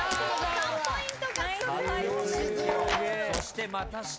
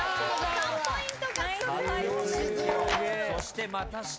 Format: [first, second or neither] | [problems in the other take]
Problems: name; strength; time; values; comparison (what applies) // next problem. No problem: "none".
second | background sound (Shatter); 13 dB below the speech